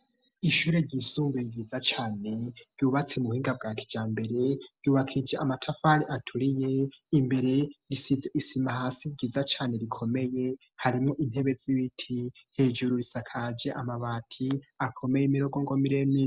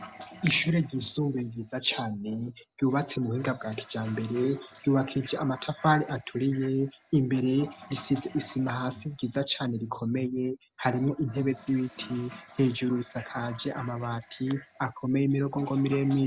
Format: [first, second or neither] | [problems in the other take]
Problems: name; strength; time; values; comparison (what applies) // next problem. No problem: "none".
first | background sound (Finger snapping + Toilet flush); 19 dB below the speech